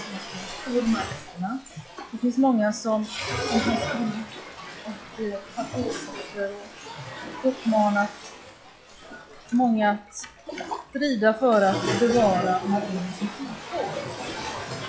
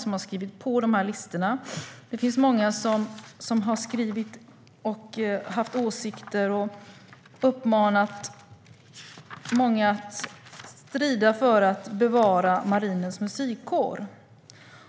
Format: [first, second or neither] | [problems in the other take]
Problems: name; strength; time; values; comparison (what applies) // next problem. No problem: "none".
second | noise reduction (classical method log-MMSE)